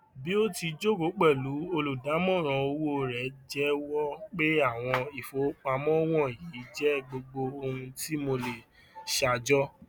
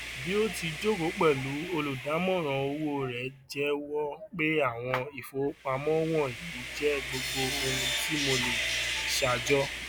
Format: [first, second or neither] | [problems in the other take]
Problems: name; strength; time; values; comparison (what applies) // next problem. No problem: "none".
first | background sound (Sawing); 5 dB below the speech